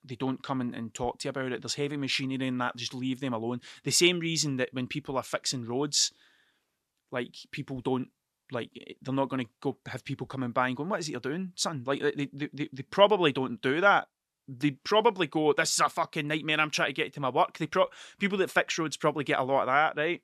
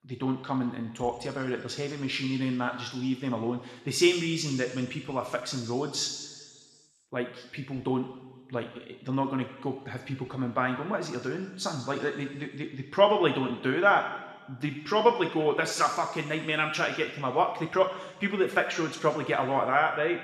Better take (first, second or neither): first